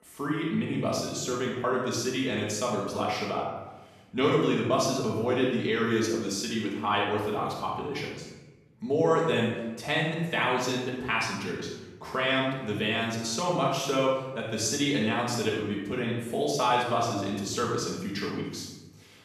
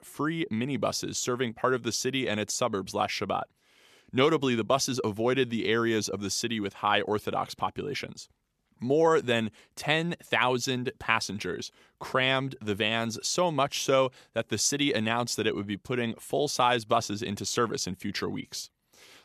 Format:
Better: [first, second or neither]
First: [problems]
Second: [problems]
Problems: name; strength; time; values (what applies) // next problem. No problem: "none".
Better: second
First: off-mic speech; far // room echo; strong; dies away in 0.9 s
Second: none